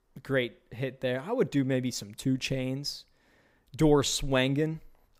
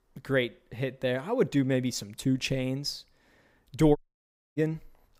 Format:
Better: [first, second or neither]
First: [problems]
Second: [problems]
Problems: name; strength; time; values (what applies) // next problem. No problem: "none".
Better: first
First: none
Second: audio cutting out; at 4 s for 0.5 s